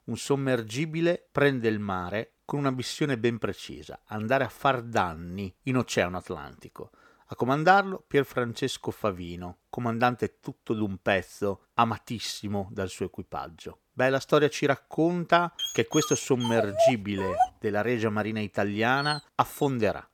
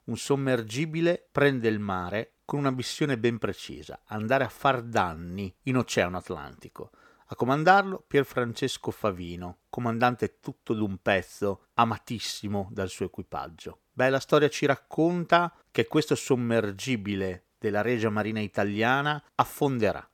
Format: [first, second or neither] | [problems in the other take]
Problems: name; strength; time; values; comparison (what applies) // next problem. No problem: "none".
second | dog barking; loud; from 16 to 19 s; peak 4 dB above the speech